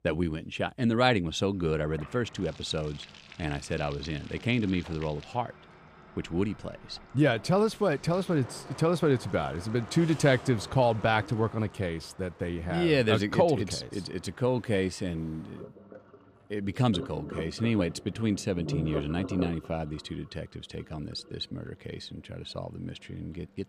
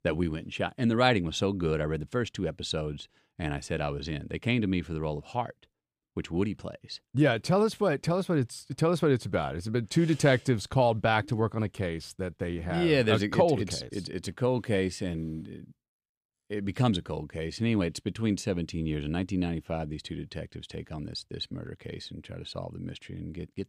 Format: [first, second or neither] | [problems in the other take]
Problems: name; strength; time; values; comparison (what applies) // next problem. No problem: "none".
second | household noises; noticeable; throughout; 15 dB below the speech